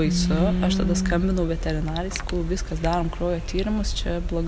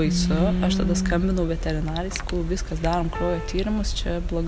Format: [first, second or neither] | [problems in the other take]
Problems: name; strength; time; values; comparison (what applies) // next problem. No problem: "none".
first | background sound (Piano); 11 dB below the speech